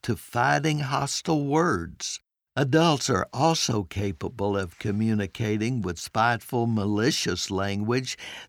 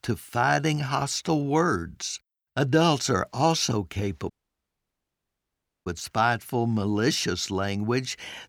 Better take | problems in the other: first | audio cutting out; at 4.5 s for 1.5 s

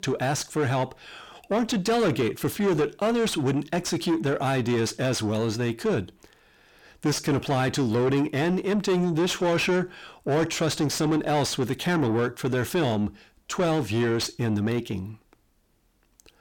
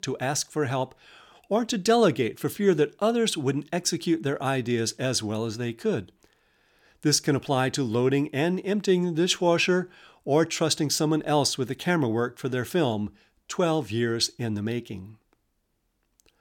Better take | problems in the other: second | distortion; heavy; 8 dB below the speech

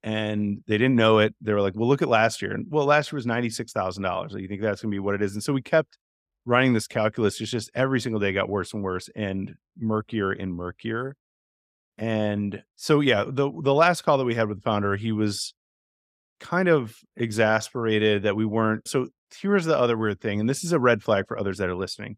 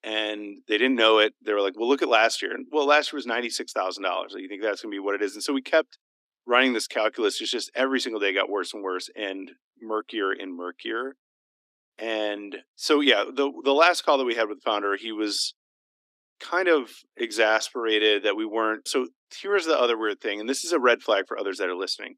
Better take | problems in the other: first | thin; somewhat; fading below 250 Hz

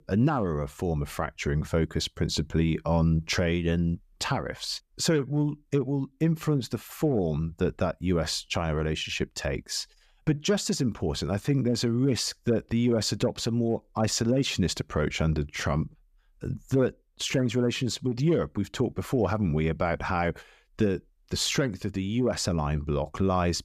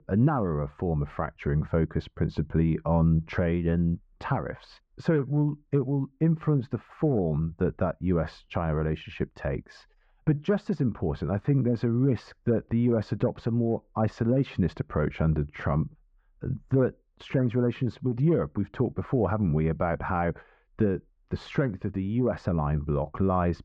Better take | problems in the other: first | muffled; very; fading above 1.5 kHz

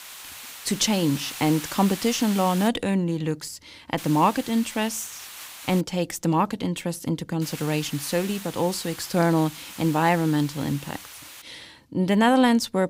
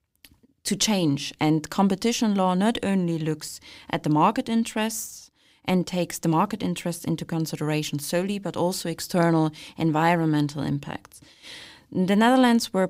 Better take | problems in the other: second | hiss; noticeable; until 2.5 s, from 4 to 6 s and from 7.5 to 11 s; 15 dB below the speech

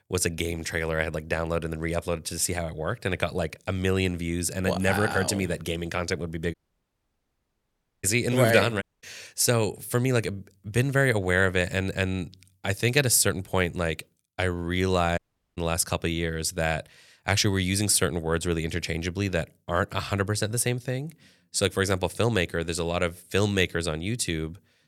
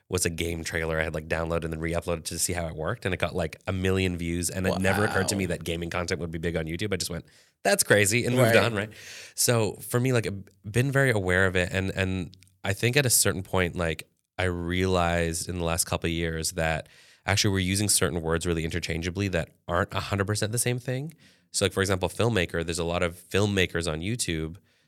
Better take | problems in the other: second | audio cutting out; at 6.5 s for 1.5 s, at 9 s and at 15 s

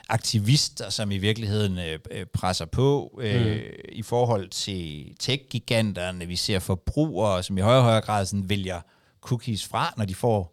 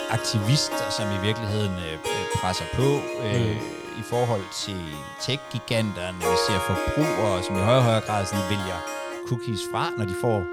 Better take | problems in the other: first | background music; loud; throughout; 4 dB below the speech

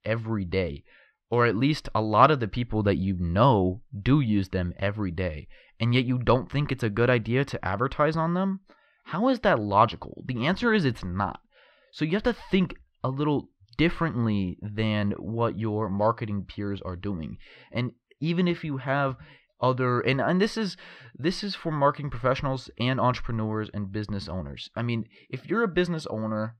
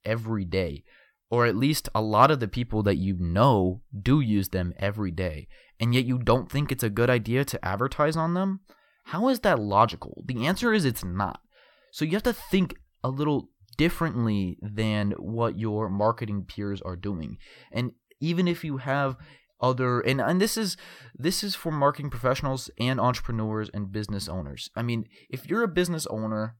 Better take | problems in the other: second | muffled; very slightly; fading above 3 kHz

